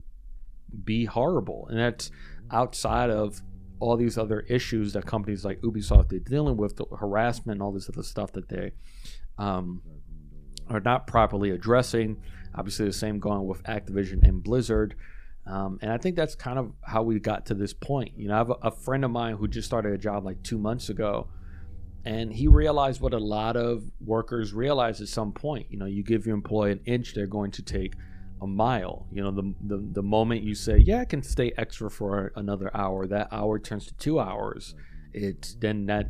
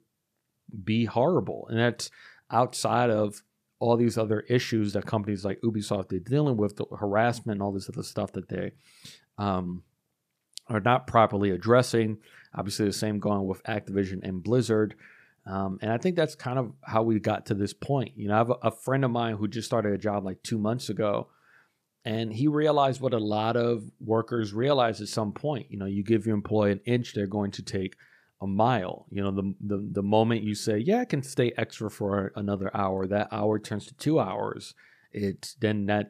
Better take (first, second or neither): second